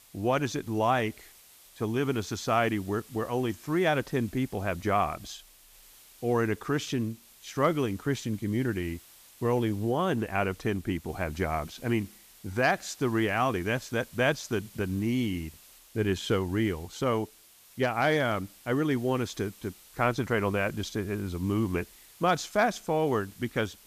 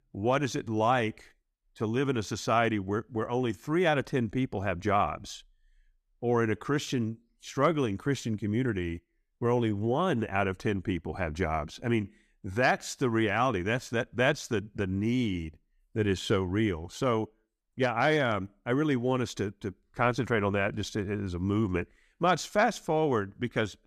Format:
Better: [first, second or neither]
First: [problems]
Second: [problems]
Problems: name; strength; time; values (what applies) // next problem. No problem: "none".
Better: second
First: hiss; faint; throughout; 20 dB below the speech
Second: none